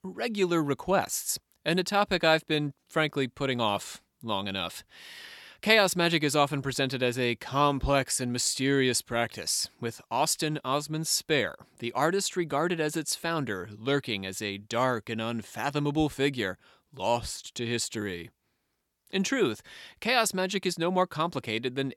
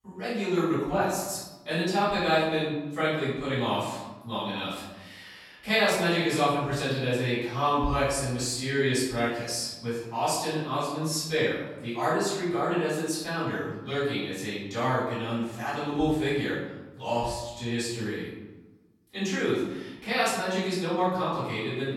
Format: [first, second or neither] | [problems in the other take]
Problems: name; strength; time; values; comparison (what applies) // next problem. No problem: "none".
first | off-mic speech; far // room echo; strong; dies away in 1 s